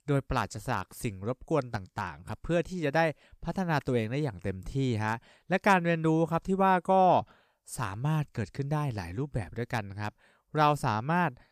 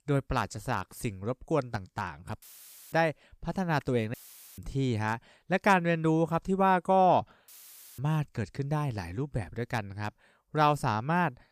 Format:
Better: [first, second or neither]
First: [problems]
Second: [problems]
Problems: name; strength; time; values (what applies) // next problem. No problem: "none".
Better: first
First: none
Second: audio cutting out; filled with static; at 2.5 s for 0.5 s, at 4 s and at 7.5 s for 0.5 s